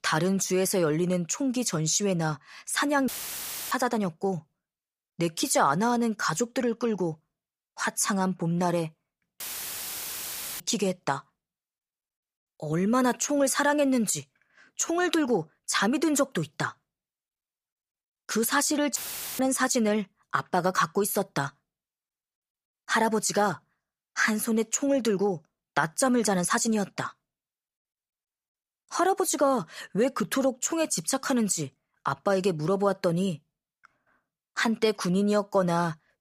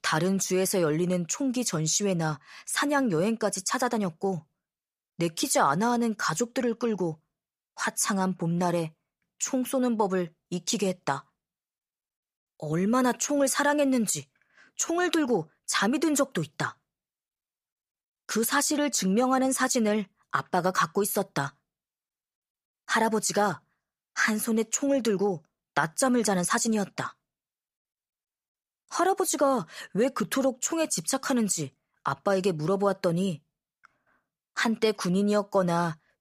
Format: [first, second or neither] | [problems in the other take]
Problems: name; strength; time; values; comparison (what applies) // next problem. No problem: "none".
second | audio cutting out; filled with static; at 3 s for 0.5 s, at 9.5 s for 1 s and at 19 s